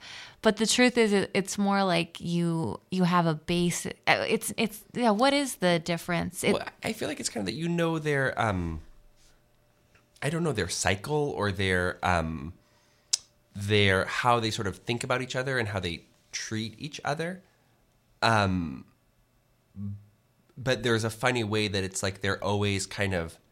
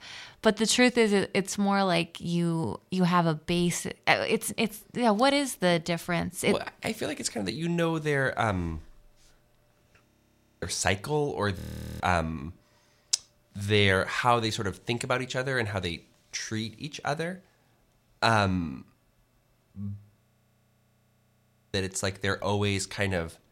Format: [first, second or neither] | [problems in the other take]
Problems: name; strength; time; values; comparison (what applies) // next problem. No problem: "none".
first | audio freezing; at 10 s for 0.5 s, at 12 s and at 20 s for 1.5 s